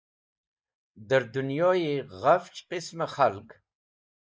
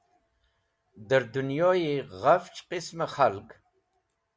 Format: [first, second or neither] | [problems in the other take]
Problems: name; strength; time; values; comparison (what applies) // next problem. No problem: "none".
second | noise reduction (neural mask model Resemble Enhance denoiser)